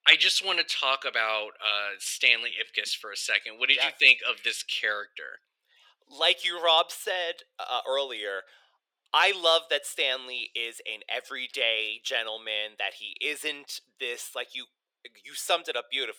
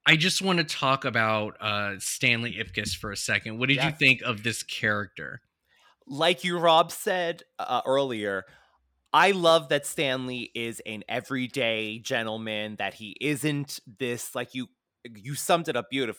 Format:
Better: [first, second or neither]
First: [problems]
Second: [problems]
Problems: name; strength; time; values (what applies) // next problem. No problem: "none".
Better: second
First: thin; very; fading below 450 Hz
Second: none